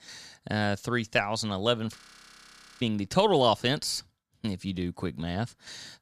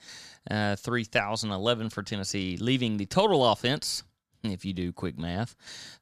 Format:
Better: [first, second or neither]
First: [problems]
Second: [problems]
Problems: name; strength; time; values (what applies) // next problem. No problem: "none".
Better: second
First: audio freezing; at 2 s for 1 s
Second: none